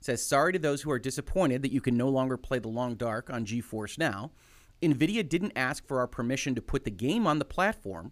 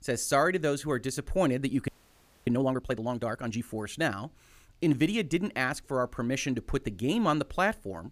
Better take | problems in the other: first | audio freezing; at 2 s for 0.5 s

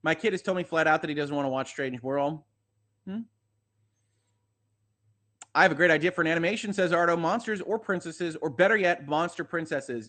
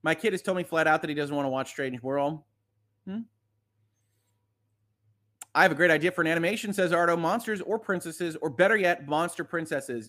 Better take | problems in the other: second | garbled, watery; slightly; nothing above 8.5 kHz

